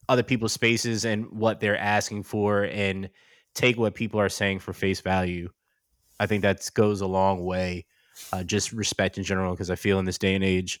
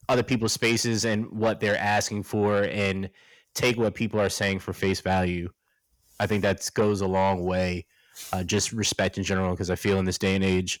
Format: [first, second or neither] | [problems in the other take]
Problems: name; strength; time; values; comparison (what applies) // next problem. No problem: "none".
first | distortion; slight; 10 dB below the speech